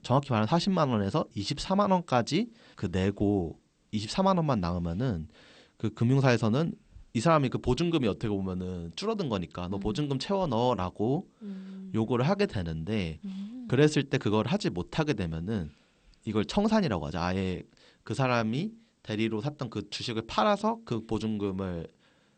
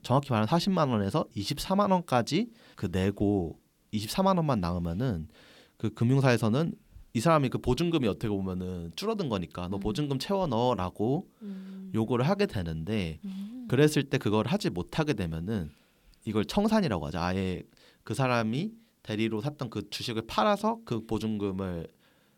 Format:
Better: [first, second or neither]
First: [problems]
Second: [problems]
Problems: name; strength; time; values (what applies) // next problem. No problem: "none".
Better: second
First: garbled, watery; slightly; nothing above 8.5 kHz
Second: none